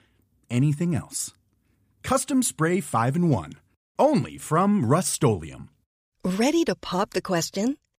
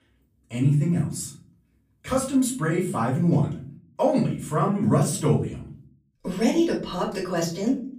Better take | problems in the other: first | off-mic speech; far // room echo; slight; dies away in 0.4 s

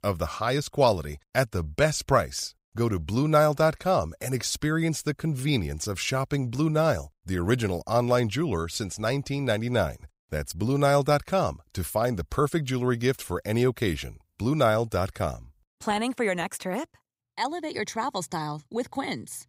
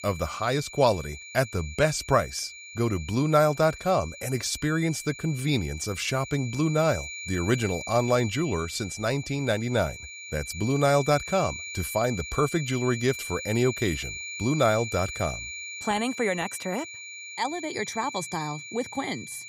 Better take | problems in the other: first | high-pitched whine; loud; throughout; 2.5 kHz, 10 dB below the speech

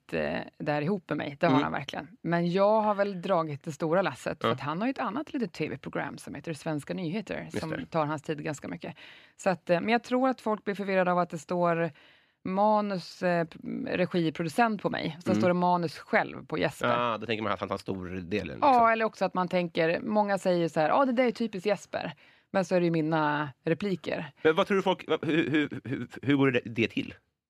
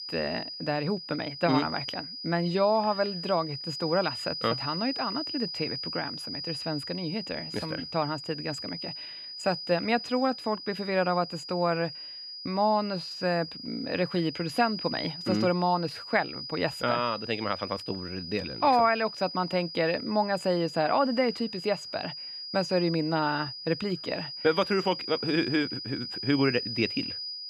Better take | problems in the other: first | high-pitched whine; loud; throughout; 5 kHz, 7 dB below the speech

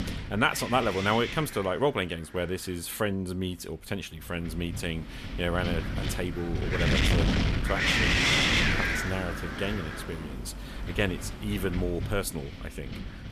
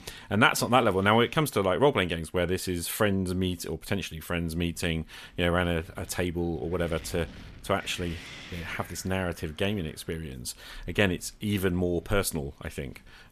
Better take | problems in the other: second | wind noise on the microphone; heavy; 4 dB above the speech; occasional gusts in the second

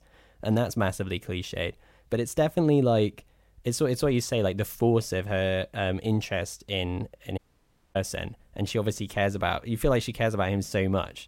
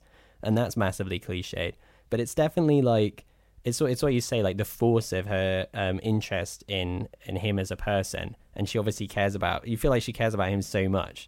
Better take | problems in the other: second | audio cutting out; at 7.5 s for 0.5 s

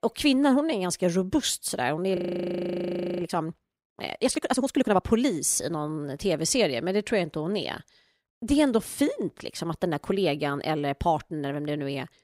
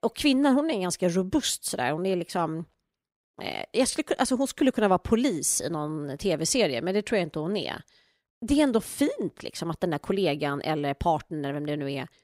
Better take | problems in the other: second | audio freezing; at 2 s for 1 s

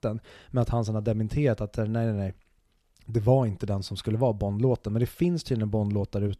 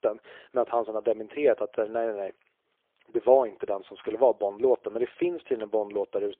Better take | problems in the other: first | phone-call audio; poor line

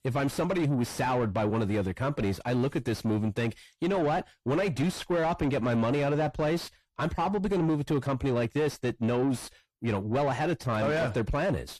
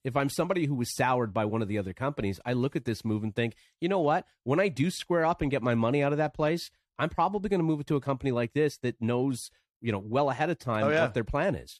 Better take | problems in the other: second | distortion; heavy; 7 dB below the speech

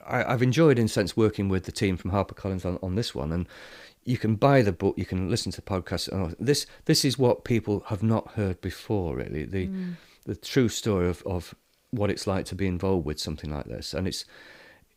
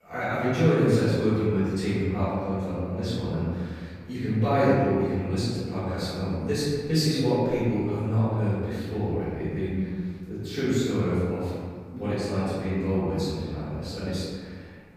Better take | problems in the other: first | off-mic speech; far // room echo; strong; dies away in 1.7 s

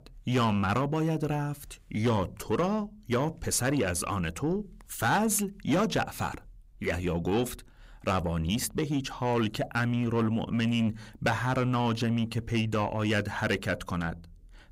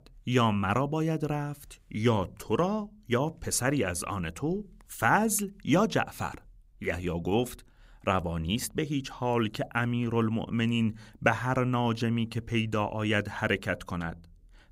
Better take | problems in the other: second | distortion; slight; 10 dB below the speech

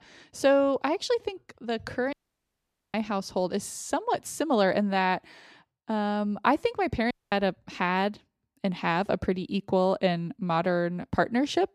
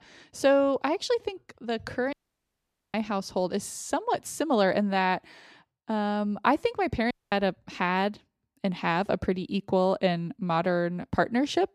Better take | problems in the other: neither | audio cutting out; at 2 s for 1 s and at 7 s; the same in both

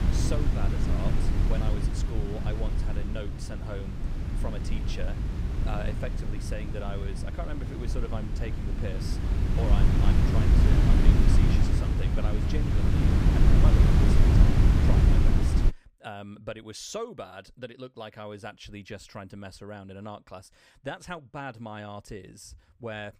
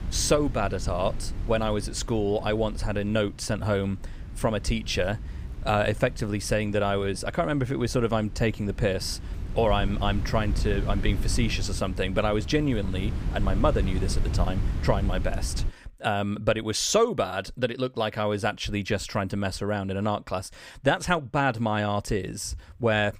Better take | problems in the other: second | wind noise on the microphone; heavy; until 16 s; 3 dB above the speech; occasional gusts in the second

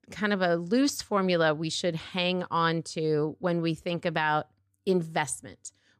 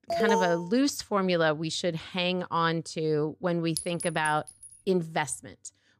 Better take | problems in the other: first | alarm; loud; at the start; peak 2 dB above the speech // clattering dishes; noticeable; at 4 s; peak 6 dB below the speech

